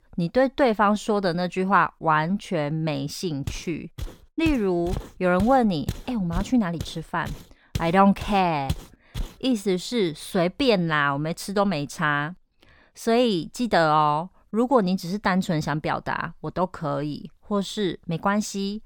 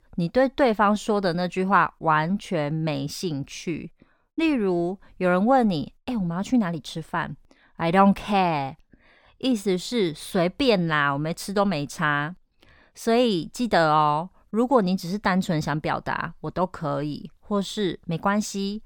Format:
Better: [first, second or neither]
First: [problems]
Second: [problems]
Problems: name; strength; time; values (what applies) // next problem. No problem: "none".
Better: second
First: footsteps; noticeable; from 3.5 to 9.5 s; peak 10 dB below the speech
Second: none